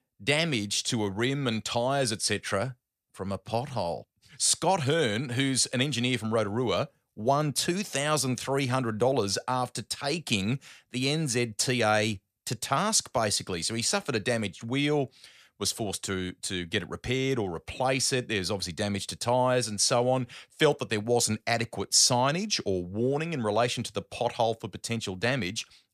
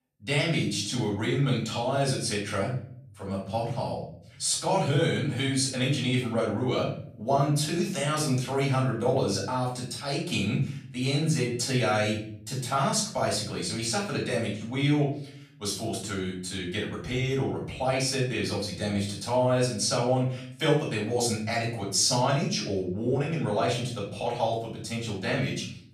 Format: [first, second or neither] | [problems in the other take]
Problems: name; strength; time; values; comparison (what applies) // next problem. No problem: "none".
first | off-mic speech; far // room echo; noticeable; dies away in 0.6 s